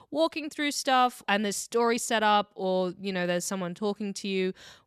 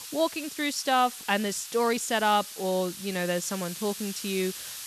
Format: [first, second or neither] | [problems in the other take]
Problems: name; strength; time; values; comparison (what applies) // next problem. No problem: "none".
first | hiss; noticeable; throughout; 10 dB below the speech